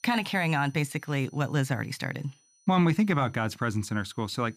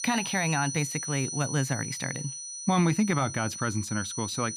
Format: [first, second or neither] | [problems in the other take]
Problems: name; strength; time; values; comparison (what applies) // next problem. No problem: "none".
first | high-pitched whine; loud; throughout; 6 kHz, 6 dB below the speech; faint in the first